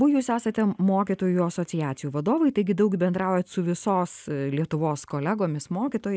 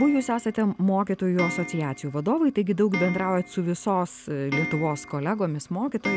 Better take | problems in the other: first | background sound (Clock); 11 dB below the speech

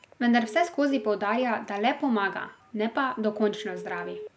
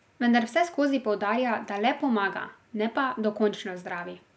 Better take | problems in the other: second | background sound (Telephone); 16 dB below the speech

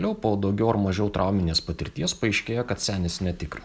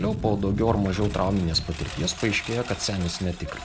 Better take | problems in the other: first | background sound (Engine); 8 dB below the speech

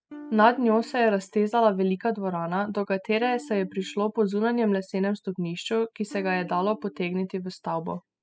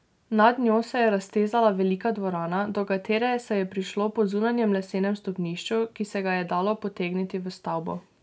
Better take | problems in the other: second | noise reduction (classical method spectral subtraction)

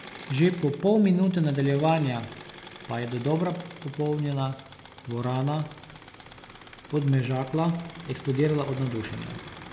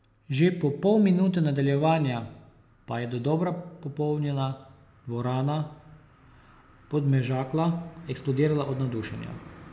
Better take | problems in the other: second | background sound (Engine / Mechanisms); 18 dB below the speech

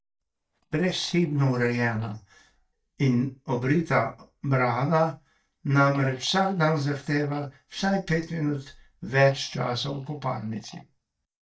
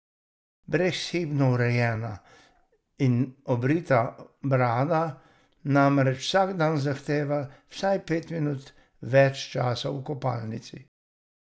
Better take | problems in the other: second | noise reduction (neural mask model DeepFilterNet 3)

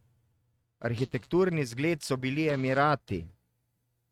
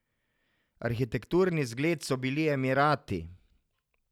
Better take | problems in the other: second | noise reduction (neural mask model RNNoise)

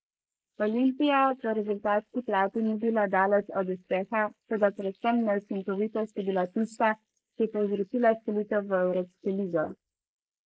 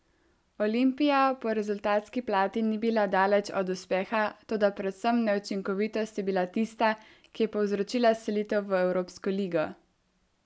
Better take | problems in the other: second | noise reduction (neural mask model Resemble Enhance denoiser)

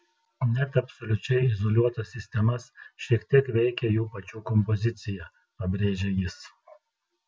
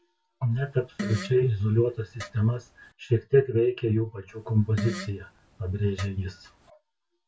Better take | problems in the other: first | background sound (Fart); 13 dB below the speech // room echo; dies away in 0.1 s

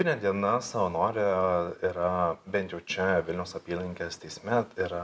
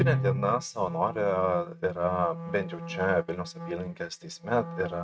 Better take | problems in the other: first | noise reduction (neural mask model RNNoise)

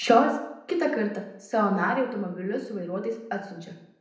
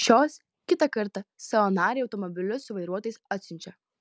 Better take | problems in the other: second | room echo; dies away in 0.7 s

